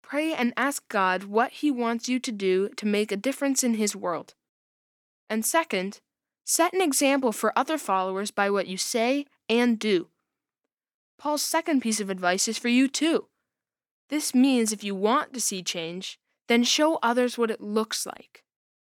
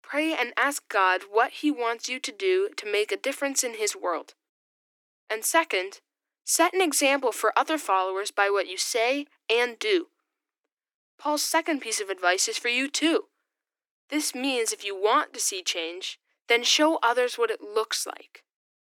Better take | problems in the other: first | thin; somewhat; fading below 300 Hz

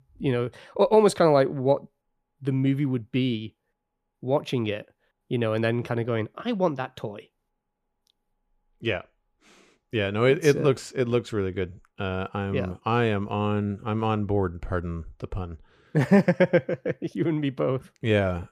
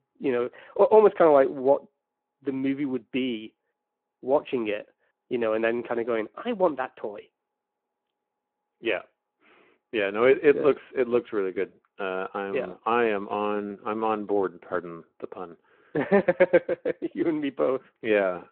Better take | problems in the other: first | phone-call audio

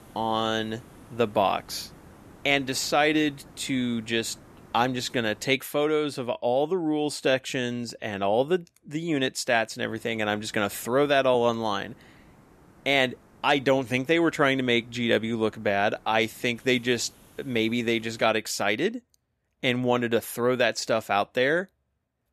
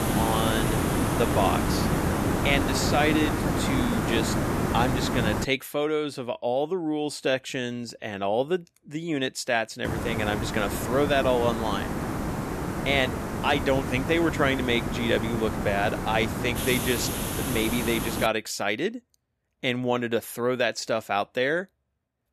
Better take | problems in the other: first | hiss; loud; until 5.5 s and from 10 to 18 s; 1 dB below the speech; faint in the first

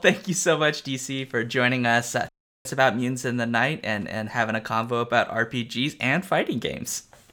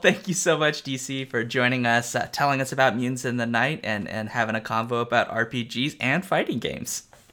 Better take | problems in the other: second | audio cutting out; at 2.5 s

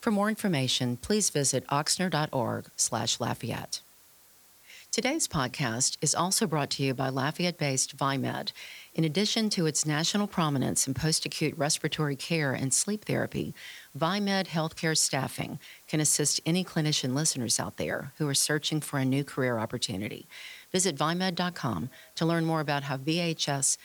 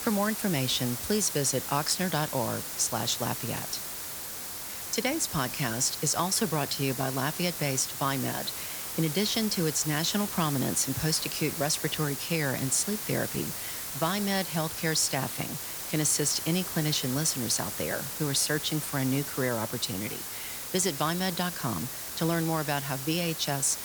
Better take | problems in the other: first | hiss; loud; throughout; 5 dB below the speech; faint in the first

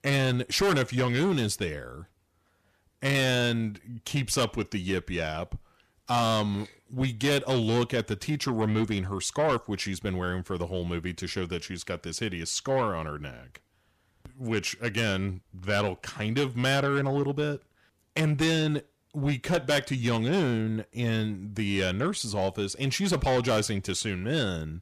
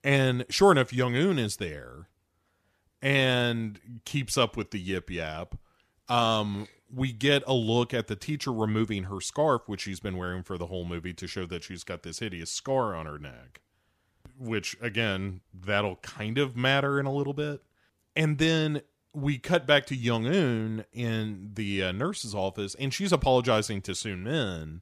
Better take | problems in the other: second | distortion; heavy; 8 dB below the speech

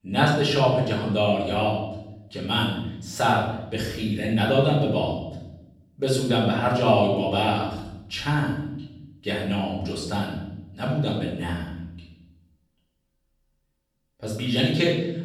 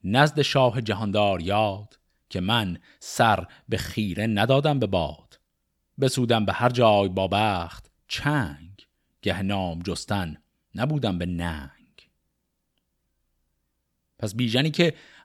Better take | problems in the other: second | off-mic speech; far // room echo; noticeable; dies away in 0.8 s

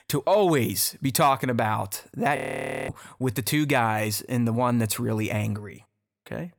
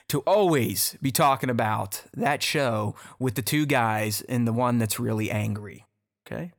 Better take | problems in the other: second | audio freezing; at 2.5 s for 0.5 s

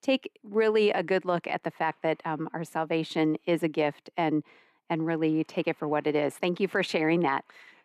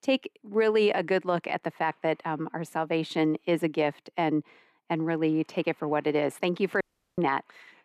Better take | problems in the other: first | audio cutting out; at 7 s

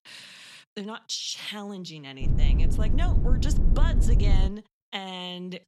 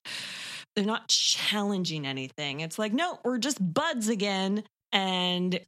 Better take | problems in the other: second | low rumble; loud; from 2 to 4.5 s; 5 dB below the speech

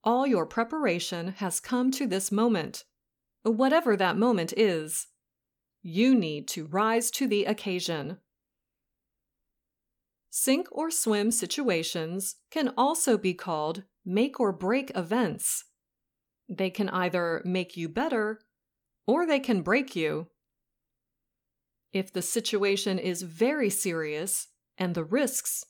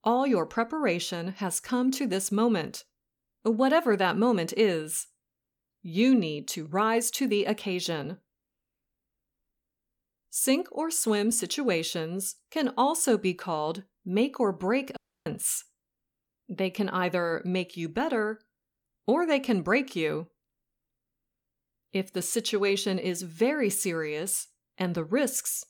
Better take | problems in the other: first | audio cutting out; at 15 s

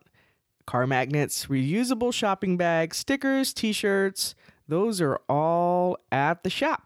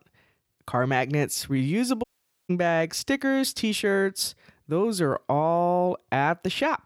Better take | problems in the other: first | audio cutting out; at 2 s

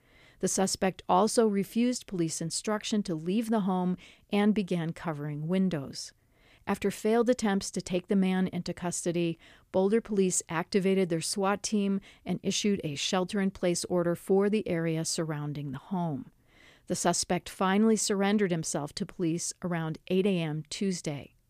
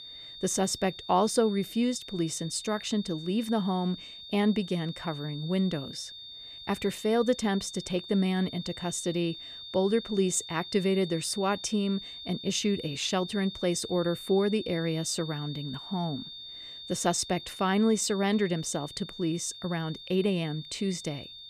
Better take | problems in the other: first | high-pitched whine; noticeable; throughout; 3.5 kHz, 10 dB below the speech

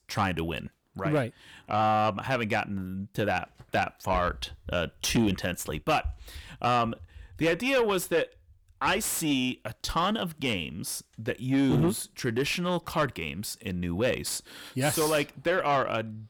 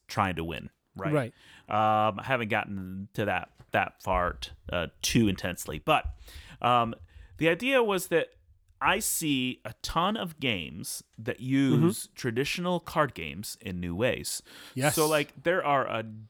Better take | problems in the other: second | distortion; slight; 10 dB below the speech

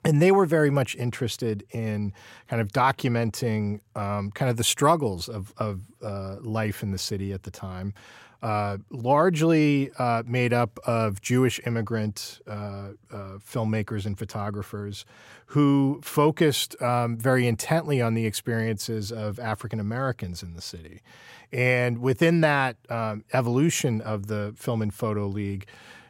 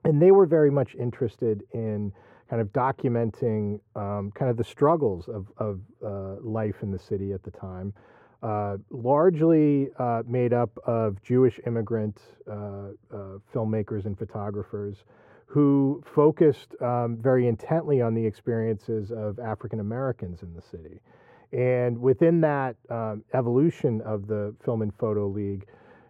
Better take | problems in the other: first | muffled; very; fading above 2.5 kHz

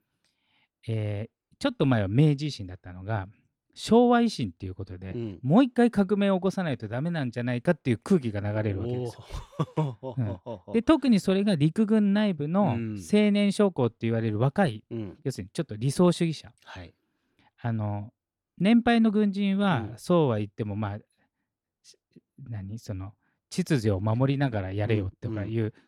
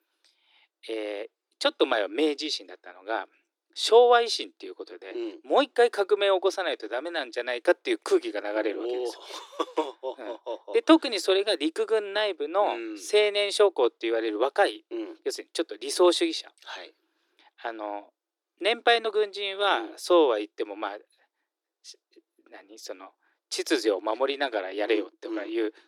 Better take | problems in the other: first | thin; very; fading below 300 Hz

